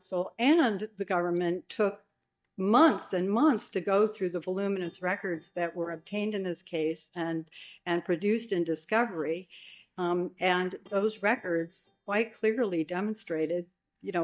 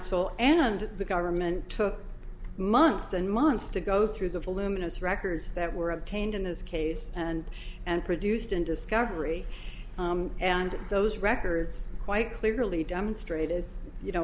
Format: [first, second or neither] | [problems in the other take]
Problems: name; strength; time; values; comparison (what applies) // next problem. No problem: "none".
second | noise reduction (neural mask model DeepFilterNet 3)